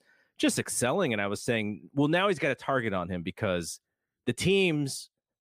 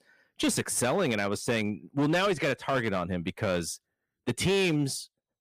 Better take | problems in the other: first | distortion; slight; 10% of the sound clipped

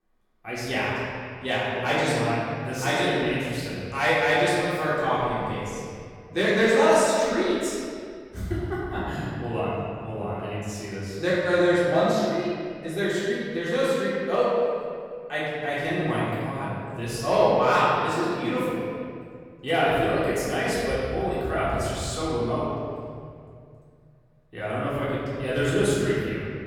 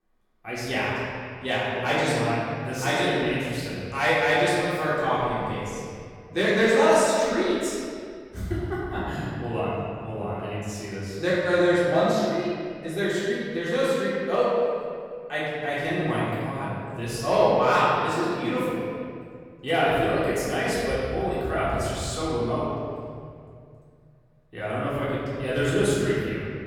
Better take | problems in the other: neither | room echo; strong; dies away in 2.1 s; the same in both // off-mic speech; far; the same in both

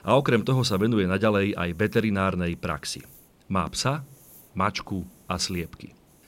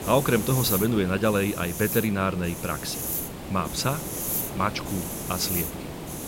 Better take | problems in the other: first | hiss; loud; throughout; 4 dB below the speech; faint in the first

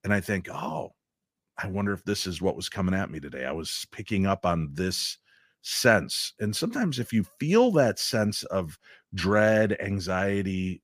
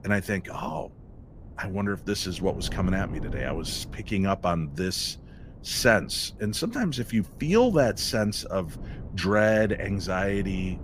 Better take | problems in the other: first | wind noise on the microphone; occasional gusts; 20 dB below the speech

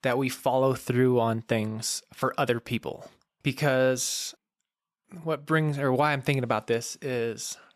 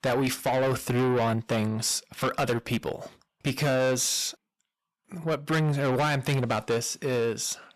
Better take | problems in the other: first | distortion; heavy; 7 dB below the speech

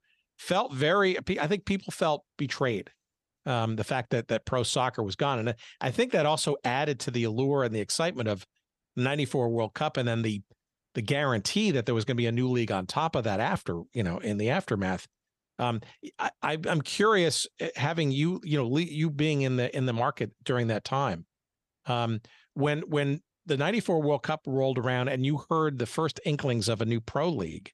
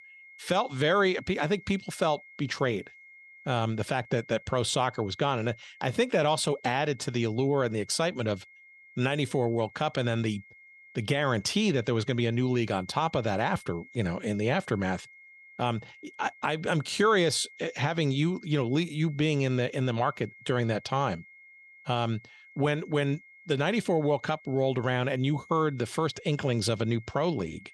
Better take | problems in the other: first | high-pitched whine; faint; throughout; 2 kHz, 20 dB below the speech

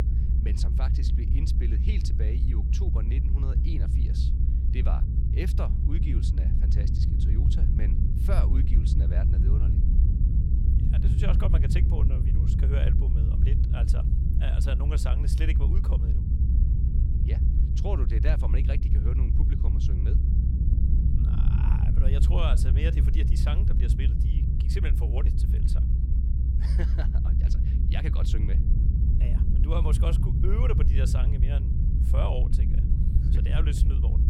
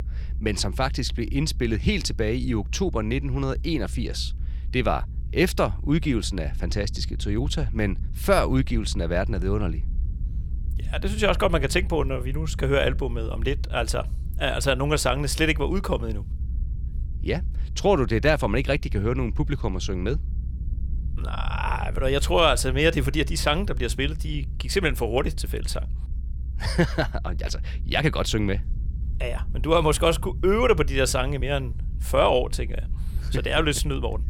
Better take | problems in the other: second | low rumble; loud; throughout; 1 dB below the speech; faint in the second

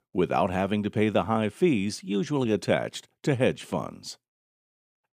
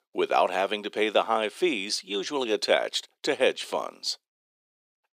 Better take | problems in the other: first | thin; somewhat; fading below 400 Hz

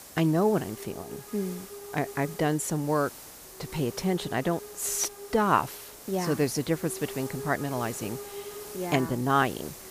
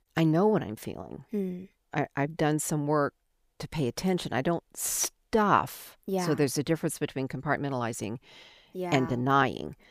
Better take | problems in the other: second | hiss; noticeable; throughout; 15 dB below the speech

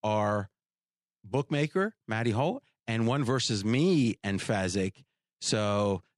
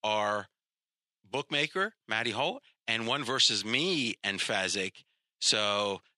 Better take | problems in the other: first | thin; somewhat; fading below 800 Hz

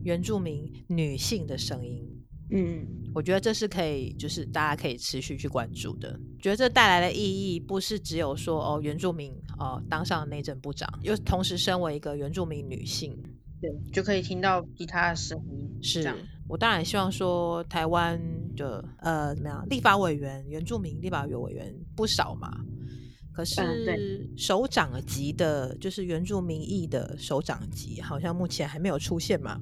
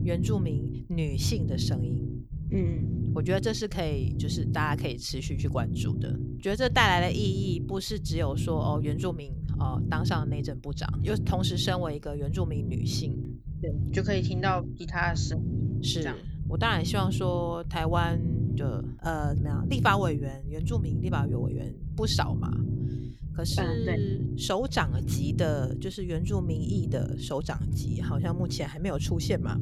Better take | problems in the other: first | low rumble; loud; throughout; 10 dB below the speech; faint in the first

